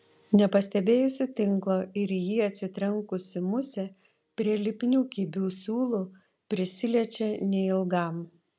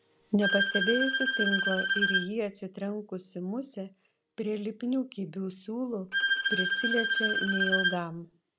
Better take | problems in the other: first | background sound (Bowed string instrument); 4 dB above the speech

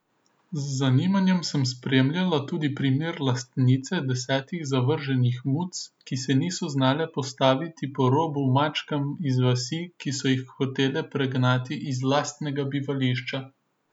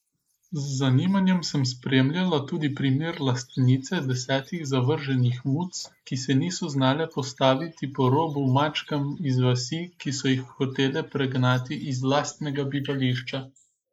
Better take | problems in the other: first | noise reduction (neural mask model Resemble Enhance denoiser)

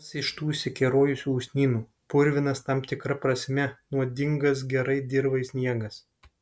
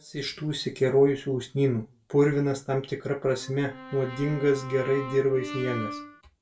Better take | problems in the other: first | background sound (Brass instrument); 12 dB below the speech // room echo; dies away in 0.2 s

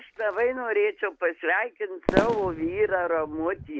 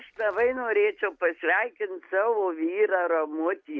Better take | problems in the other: second | background sound (Fireworks); 4 dB below the speech

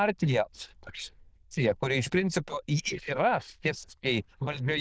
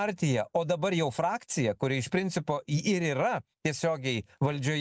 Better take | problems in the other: second | noise reduction (neural diffusion model UNIVERSE++)

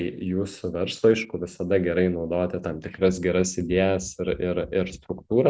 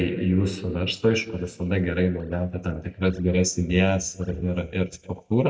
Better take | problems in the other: first | noise reduction (neural mask model DeepFilterNet 3)

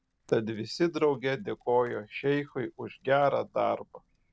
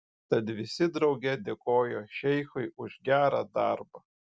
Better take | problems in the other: second | noise reduction (neural separator model SepFormer DNS4)

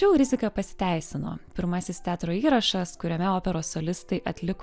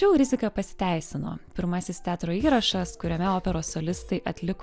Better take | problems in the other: first | background sound (Drum kit); 14 dB below the speech

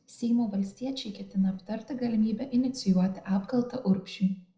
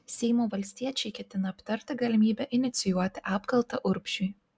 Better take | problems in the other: second | noise reduction (neural separator model SepFormer DNS4)

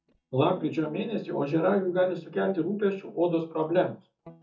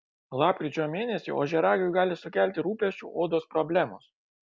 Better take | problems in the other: second | noise reduction (neural mask model DeepFilterNet 3)

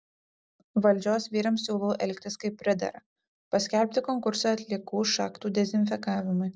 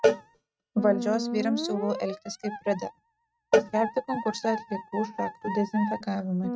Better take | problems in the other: first | noise reduction (neural mask model RNNoise)

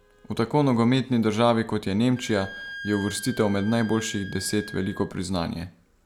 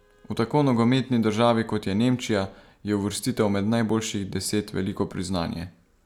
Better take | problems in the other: second | background sound (Wind instrument, woodwind instrument); 15 dB below the speech

